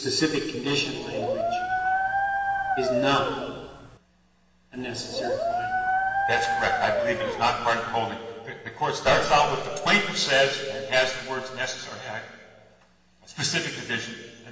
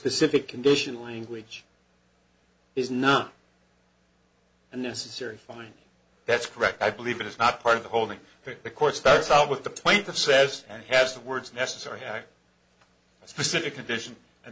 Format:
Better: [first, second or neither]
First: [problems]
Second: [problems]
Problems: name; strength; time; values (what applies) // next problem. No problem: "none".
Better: second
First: background sound (Dog); as loud as the speech // room echo; dies away in 1.6 s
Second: none